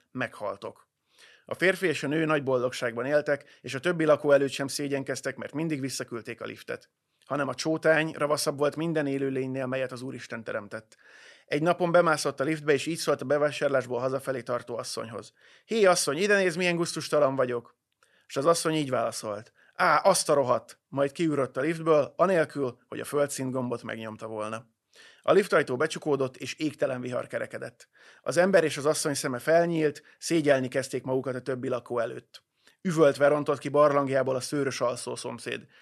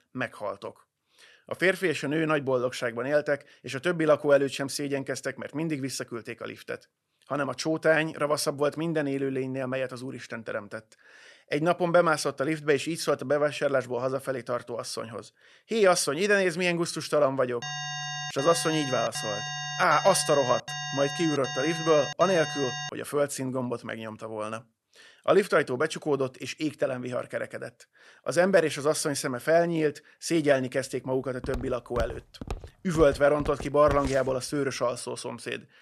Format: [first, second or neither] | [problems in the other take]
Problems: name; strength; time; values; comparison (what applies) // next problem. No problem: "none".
first | alarm; noticeable; from 18 to 23 s; peak 5 dB below the speech // footsteps; noticeable; from 31 to 34 s; peak 9 dB below the speech